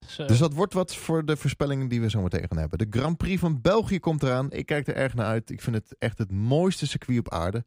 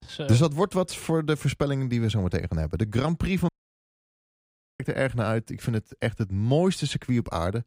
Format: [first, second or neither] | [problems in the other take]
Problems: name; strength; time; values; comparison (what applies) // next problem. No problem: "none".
first | audio cutting out; at 3.5 s for 1.5 s